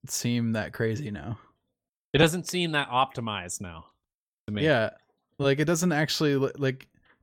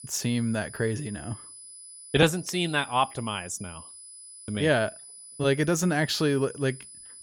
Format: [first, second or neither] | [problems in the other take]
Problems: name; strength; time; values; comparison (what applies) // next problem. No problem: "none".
first | high-pitched whine; noticeable; throughout; 10 kHz, 15 dB below the speech